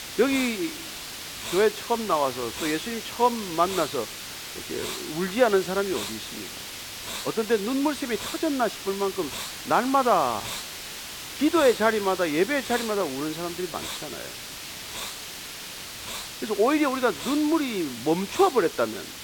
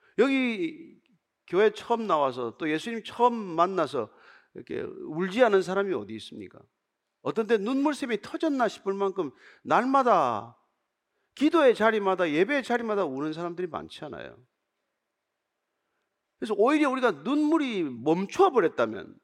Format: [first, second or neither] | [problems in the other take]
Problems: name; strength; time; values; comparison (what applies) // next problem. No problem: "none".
second | hiss; loud; throughout; 9 dB below the speech